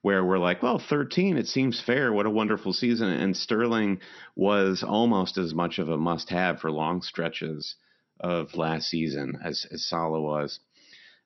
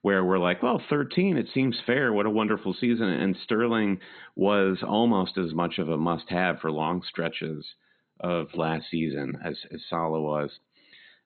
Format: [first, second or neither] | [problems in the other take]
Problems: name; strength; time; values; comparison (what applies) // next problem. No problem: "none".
first | garbled, watery; badly; nothing above 4 kHz; slightly in the first